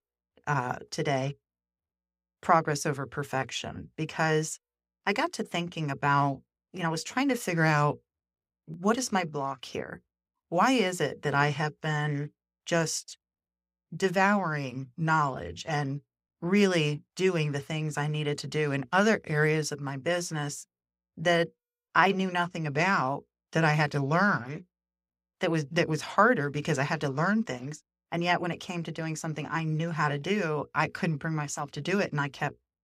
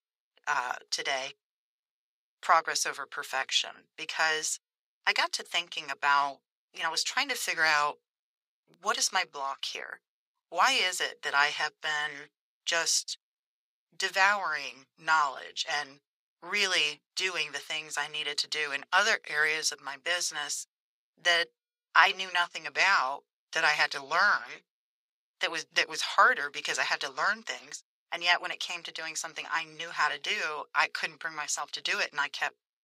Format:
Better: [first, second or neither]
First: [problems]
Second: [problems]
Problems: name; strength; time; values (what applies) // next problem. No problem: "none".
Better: first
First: none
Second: thin; very; fading below 1 kHz